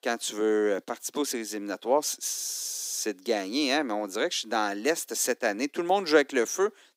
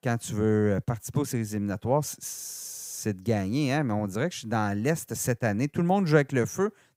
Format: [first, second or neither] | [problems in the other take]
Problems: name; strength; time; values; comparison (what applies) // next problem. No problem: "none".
second | thin; somewhat; fading below 250 Hz